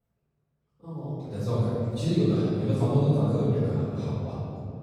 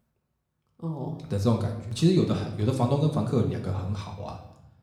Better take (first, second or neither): second